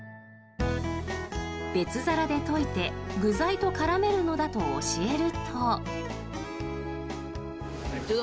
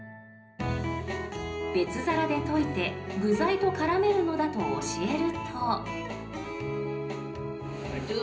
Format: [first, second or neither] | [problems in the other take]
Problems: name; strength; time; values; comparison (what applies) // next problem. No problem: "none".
first | room echo; dies away in 0.5 s